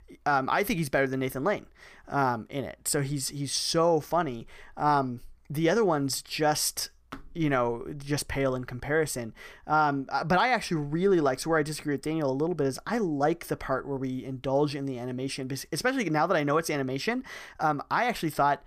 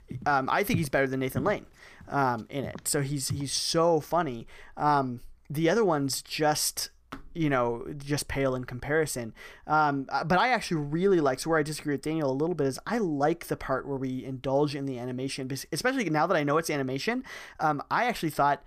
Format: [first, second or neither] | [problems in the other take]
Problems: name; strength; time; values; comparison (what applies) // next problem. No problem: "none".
first | footsteps; noticeable; until 3.5 s; peak 8 dB below the speech